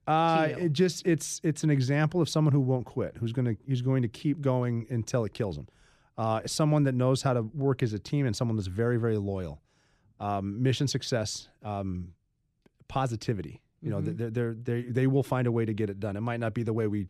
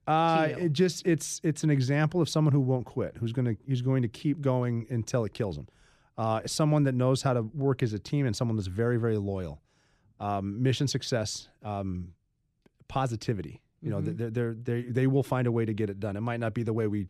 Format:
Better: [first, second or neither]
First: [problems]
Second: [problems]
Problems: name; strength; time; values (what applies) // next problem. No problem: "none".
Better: neither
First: none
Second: none